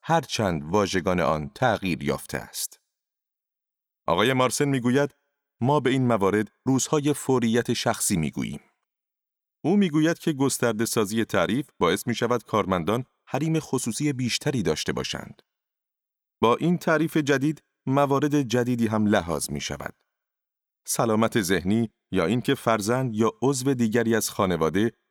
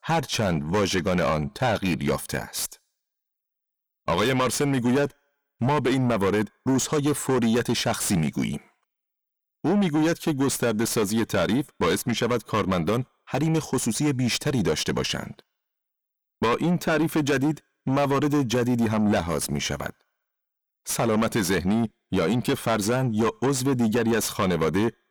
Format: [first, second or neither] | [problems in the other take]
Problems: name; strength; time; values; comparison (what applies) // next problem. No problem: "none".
first | distortion; heavy; 7 dB below the speech